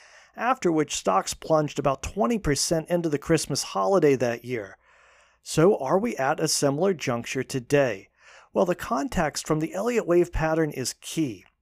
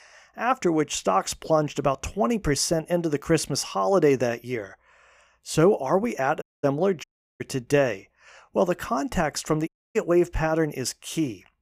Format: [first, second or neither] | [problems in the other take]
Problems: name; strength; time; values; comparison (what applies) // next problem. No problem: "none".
first | audio cutting out; at 6.5 s, at 7 s and at 9.5 s